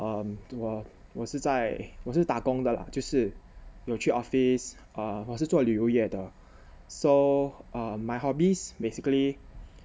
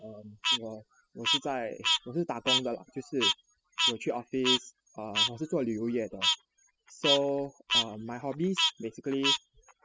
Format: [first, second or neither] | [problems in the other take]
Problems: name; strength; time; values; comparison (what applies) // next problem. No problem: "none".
first | noise reduction (classical method spectral subtraction)